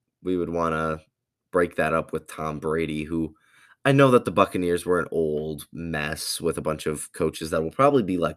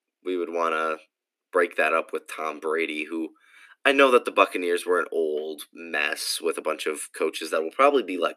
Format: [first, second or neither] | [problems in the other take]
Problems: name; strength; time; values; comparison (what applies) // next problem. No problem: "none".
first | thin; somewhat; fading below 300 Hz